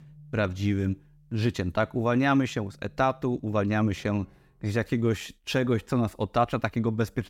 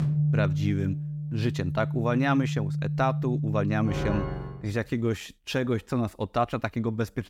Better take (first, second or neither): first